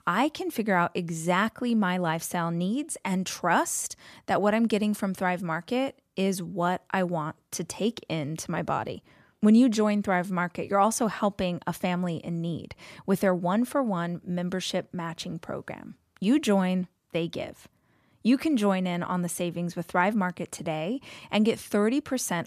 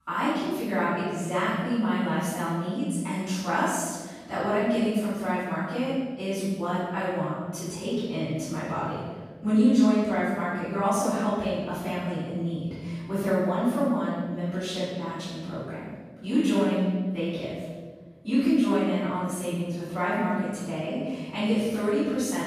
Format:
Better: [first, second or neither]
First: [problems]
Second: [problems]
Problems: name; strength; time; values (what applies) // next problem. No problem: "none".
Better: first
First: none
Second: room echo; strong; dies away in 1.4 s // off-mic speech; far